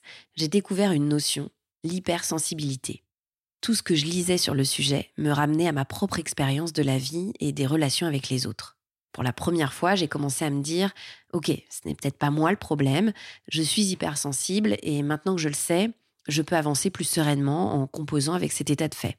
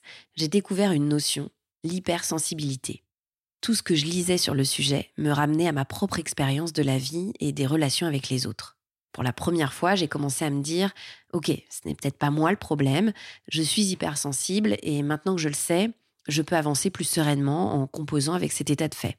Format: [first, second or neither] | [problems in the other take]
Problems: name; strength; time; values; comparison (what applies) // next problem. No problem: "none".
neither | none